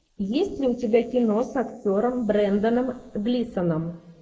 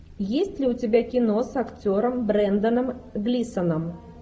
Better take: second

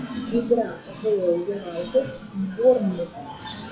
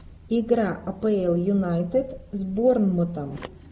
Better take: second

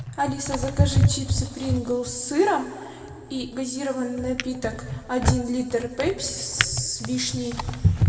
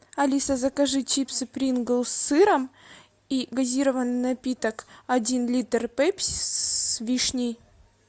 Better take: second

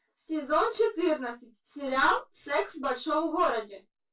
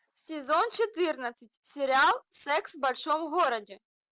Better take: second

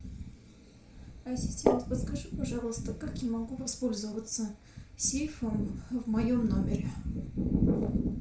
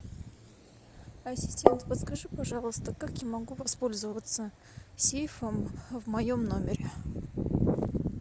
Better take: second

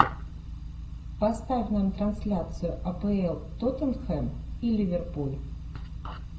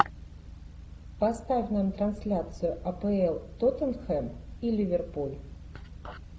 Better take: second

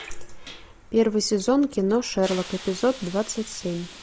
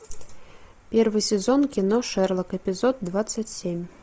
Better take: second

